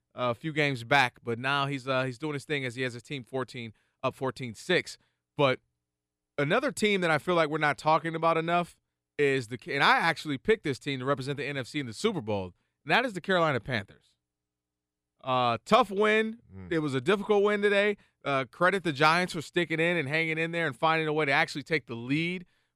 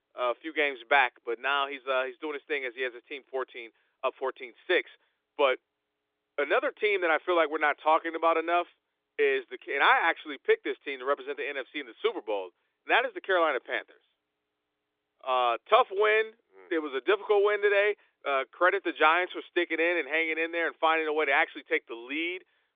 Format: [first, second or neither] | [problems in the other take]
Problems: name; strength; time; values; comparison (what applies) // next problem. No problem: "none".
first | phone-call audio